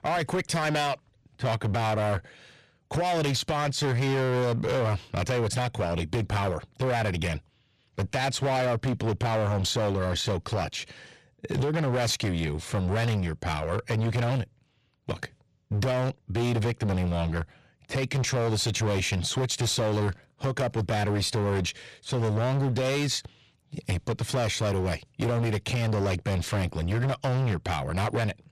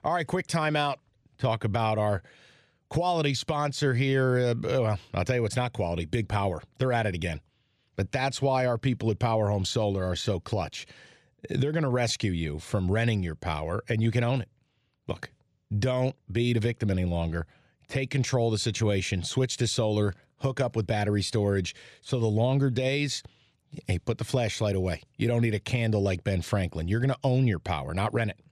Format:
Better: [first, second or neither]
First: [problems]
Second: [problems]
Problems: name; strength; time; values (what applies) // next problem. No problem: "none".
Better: second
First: distortion; heavy; 23% of the sound clipped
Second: none